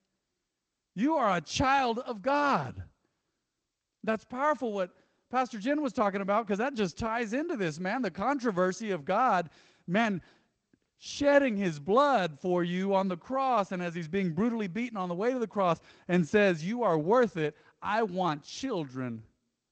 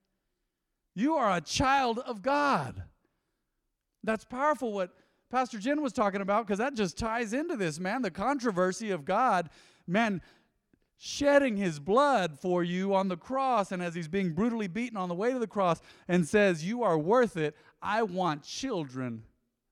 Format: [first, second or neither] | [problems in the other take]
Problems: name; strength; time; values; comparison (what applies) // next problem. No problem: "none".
second | garbled, watery; slightly